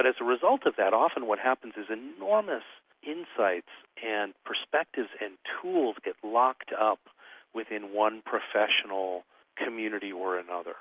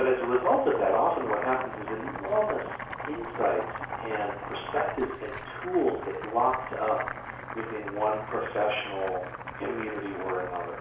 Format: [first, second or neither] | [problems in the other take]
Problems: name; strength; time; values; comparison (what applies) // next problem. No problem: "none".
first | background sound (Boiling); 8 dB below the speech // room echo; dies away in 0.6 s